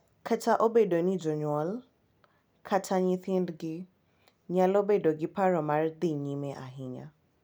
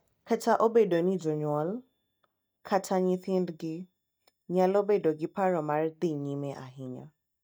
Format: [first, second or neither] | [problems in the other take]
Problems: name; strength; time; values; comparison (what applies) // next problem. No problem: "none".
first | noise reduction (neural mask model DeepFilterNet 3)